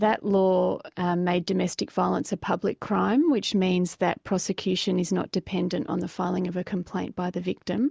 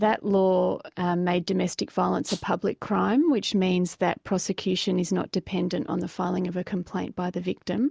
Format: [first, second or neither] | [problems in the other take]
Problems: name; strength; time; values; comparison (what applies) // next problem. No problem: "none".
first | background sound (Rattle (instrument)); 13 dB below the speech